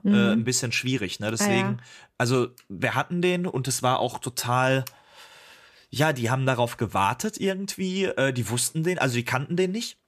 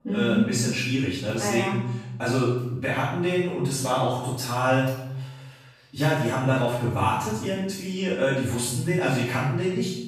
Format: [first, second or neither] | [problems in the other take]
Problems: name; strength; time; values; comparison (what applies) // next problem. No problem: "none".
first | off-mic speech; far // room echo; strong; dies away in 0.9 s